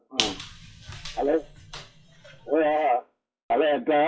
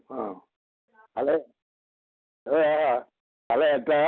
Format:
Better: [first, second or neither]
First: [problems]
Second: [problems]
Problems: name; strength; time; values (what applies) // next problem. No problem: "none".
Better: second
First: noise reduction (classical method WPE with log-MMSE)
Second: none